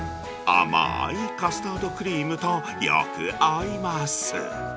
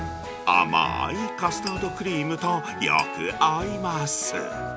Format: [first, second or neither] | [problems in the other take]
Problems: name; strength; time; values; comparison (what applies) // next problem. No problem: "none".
first | background sound (Glass); 18 dB below the speech